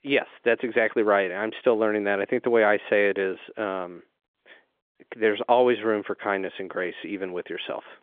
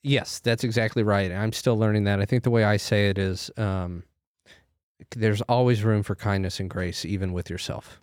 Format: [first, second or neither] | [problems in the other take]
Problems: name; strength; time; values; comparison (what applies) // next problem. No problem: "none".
second | phone-call audio; nothing above 3.5 kHz